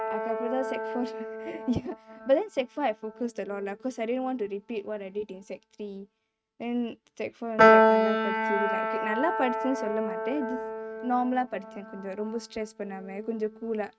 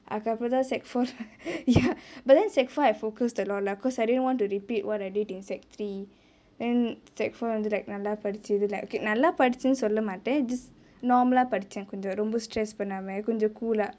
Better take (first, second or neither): second